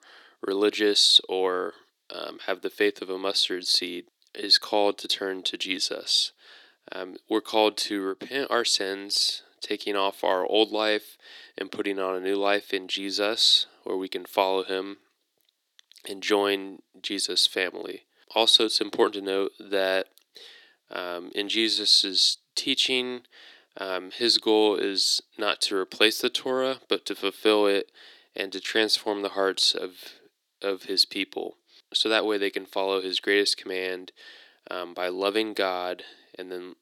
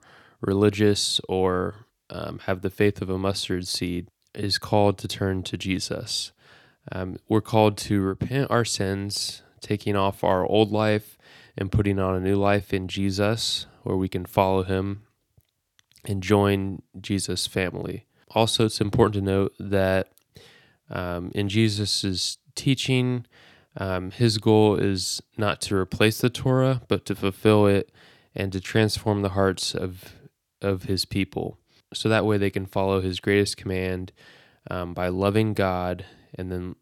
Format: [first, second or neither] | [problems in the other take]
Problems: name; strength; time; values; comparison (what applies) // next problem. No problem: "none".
second | thin; somewhat; fading below 350 Hz